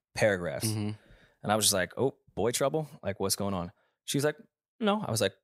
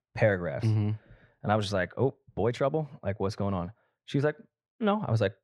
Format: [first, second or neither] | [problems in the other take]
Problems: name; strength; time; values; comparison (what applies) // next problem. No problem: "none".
first | muffled; slightly; fading above 2.5 kHz